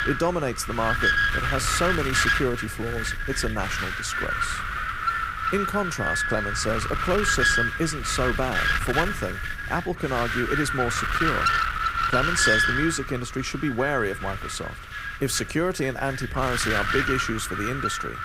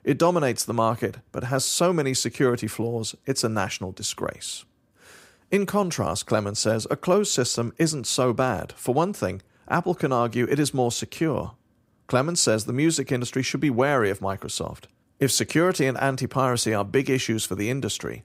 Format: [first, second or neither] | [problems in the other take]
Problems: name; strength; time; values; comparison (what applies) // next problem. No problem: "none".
second | wind noise on the microphone; heavy; 5 dB above the speech